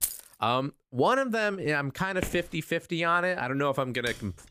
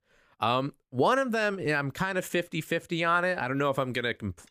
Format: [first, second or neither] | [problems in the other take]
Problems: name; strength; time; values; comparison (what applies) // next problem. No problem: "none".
second | jangling keys; noticeable; at the start; peak 2 dB below the speech // footsteps; noticeable; at 2 s; peak 9 dB below the speech // keyboard typing; faint; at 4 s; peak 15 dB below the speech